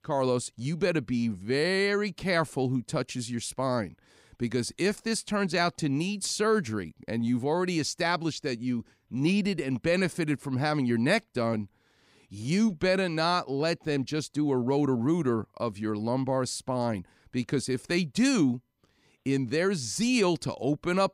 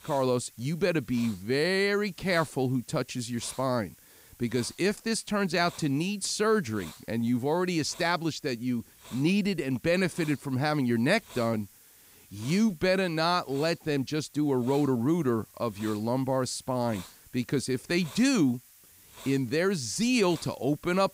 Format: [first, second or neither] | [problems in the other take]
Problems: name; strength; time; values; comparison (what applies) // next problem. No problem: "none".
first | hiss; faint; throughout; 20 dB below the speech